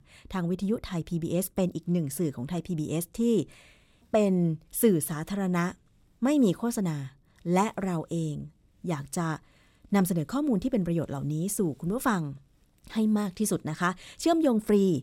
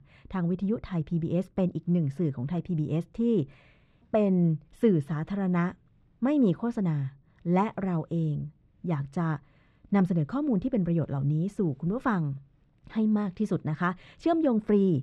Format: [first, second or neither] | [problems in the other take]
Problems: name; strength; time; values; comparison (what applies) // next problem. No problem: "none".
first | muffled; very; fading above 2.5 kHz